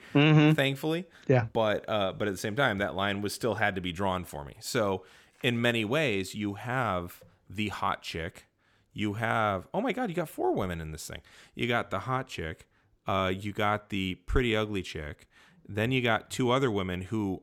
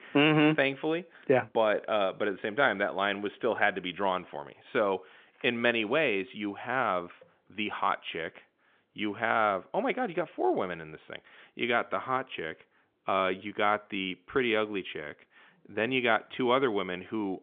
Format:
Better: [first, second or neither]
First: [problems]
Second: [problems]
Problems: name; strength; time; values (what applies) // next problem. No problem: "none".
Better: first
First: none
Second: phone-call audio; nothing above 3.5 kHz